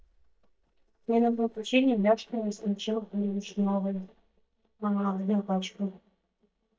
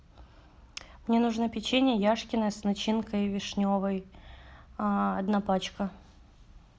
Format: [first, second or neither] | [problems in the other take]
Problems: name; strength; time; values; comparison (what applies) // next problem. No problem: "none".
second | noise reduction (neural mask model DeepFilterNet 3)